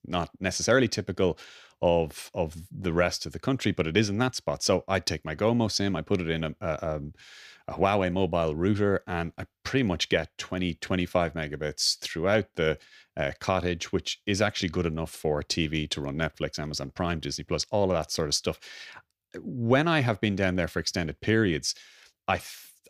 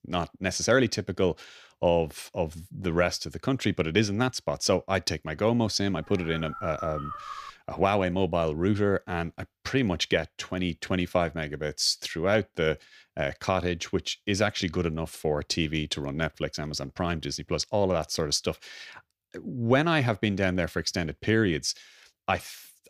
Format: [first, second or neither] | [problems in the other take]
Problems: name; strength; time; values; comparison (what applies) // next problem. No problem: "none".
first | dog barking; noticeable; from 6 to 7.5 s; peak 9 dB below the speech